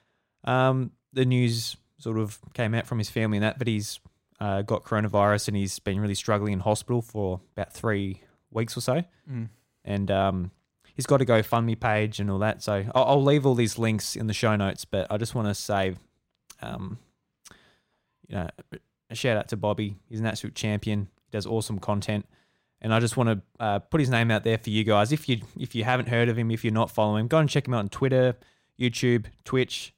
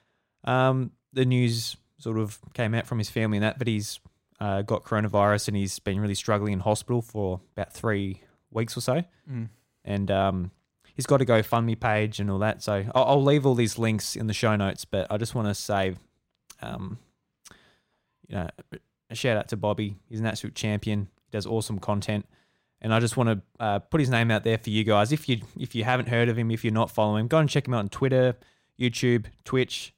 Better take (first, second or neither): neither